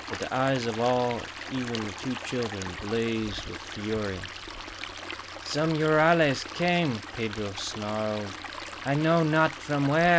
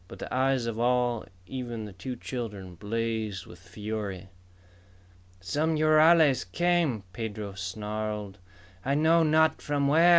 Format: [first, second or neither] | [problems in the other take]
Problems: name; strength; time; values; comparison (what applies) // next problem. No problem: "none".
second | background sound (Stream); 11 dB below the speech